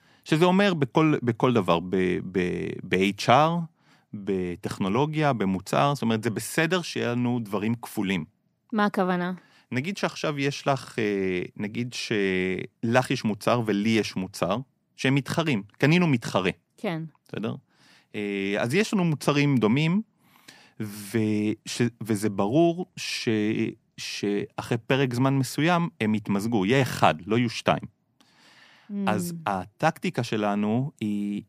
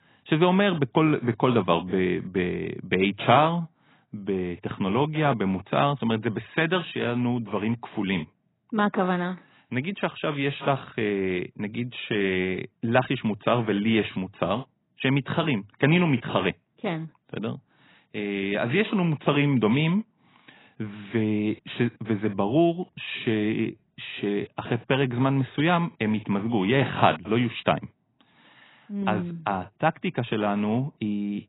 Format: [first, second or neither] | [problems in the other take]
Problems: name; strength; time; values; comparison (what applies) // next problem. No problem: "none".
first | garbled, watery; badly; nothing above 4 kHz